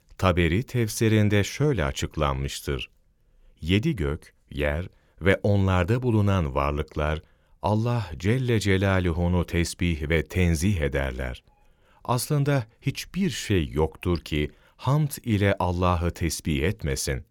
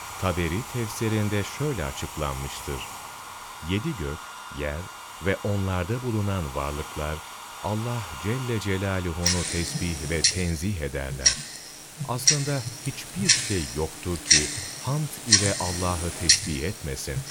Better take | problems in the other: first | household noises; very loud; throughout; 4 dB above the speech

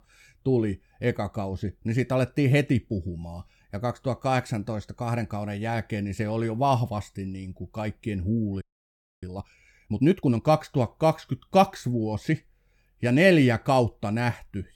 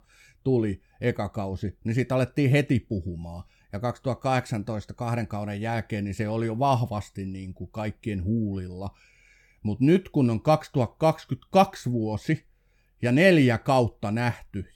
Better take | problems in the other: second | audio freezing; at 8.5 s for 0.5 s

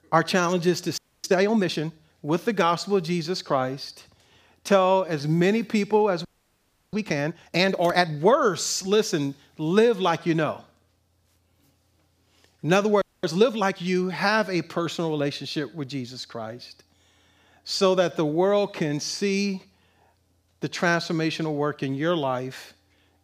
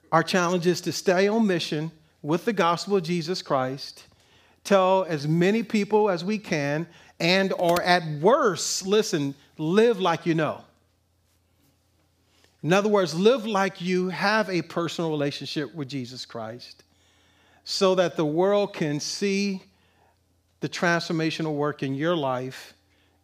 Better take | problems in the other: second | audio freezing; at 1 s, at 6.5 s for 0.5 s and at 13 s

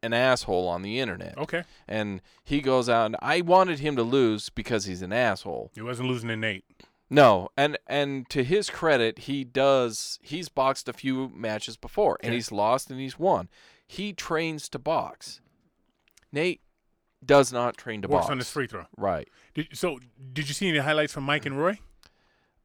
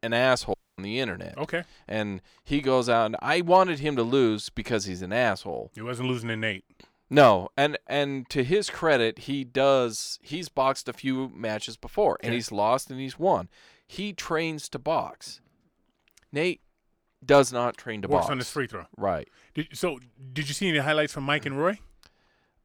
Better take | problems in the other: first | audio cutting out; at 0.5 s

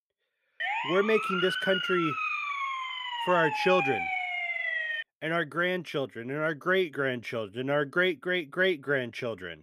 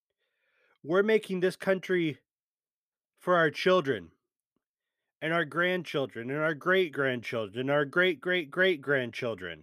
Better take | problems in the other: second | siren; loud; from 0.5 to 5 s; peak level with the speech

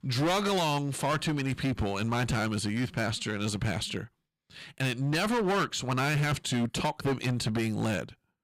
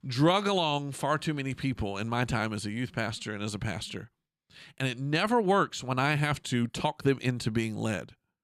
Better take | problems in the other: second | distortion; heavy; 16% of the sound clipped

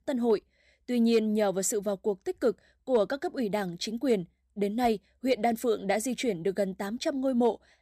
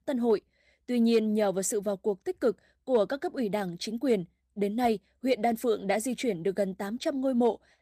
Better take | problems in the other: first | garbled, watery; slightly; nothing above 14.5 kHz

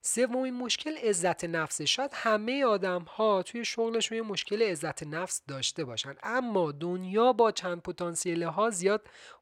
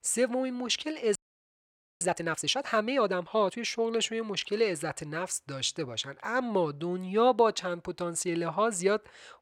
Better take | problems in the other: first | audio freezing; at 1 s for 1 s

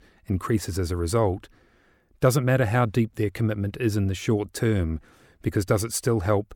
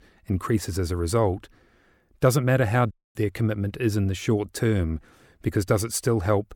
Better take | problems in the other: first | audio cutting out; at 3 s

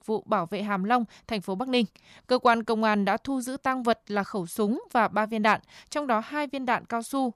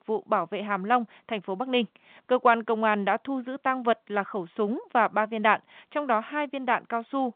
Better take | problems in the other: first | phone-call audio; nothing above 3 kHz

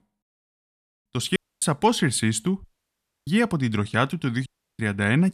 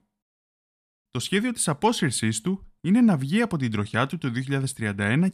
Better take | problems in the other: second | audio cutting out; at 1.5 s, at 2.5 s for 0.5 s and at 4.5 s

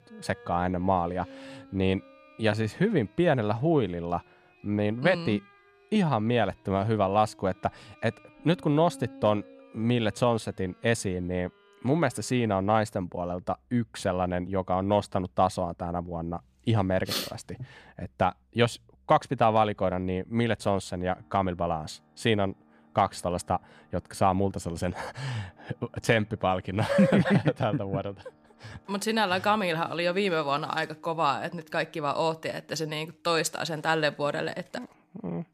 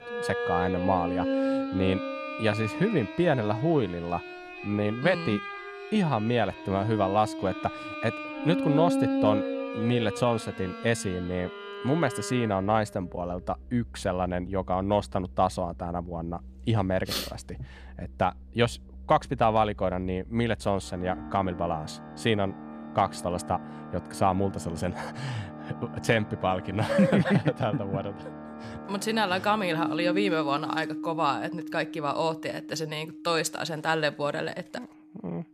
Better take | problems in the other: first | background music; loud; throughout; 7 dB below the speech; faint in the first

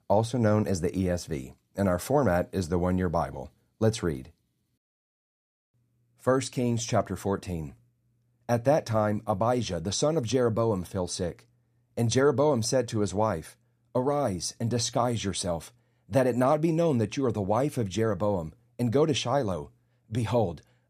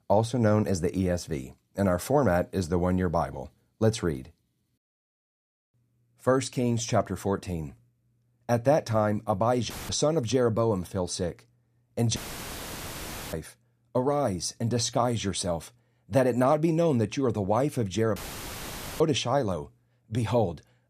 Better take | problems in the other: first | audio cutting out; filled with static; at 9.5 s, at 12 s for 1 s and at 18 s for 1 s

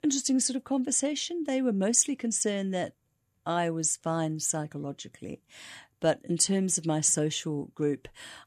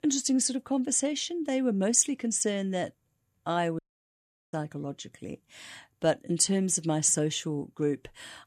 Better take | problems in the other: first | audio cutting out; at 4 s for 0.5 s

